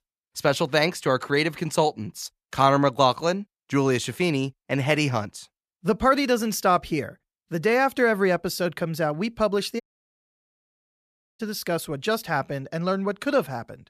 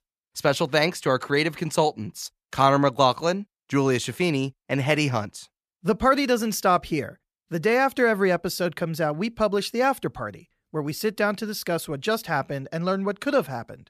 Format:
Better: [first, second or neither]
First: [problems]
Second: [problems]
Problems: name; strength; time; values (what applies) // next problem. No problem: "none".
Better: second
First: audio cutting out; at 10 s for 1.5 s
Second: none